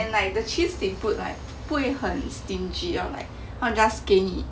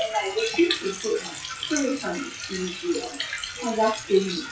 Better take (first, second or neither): first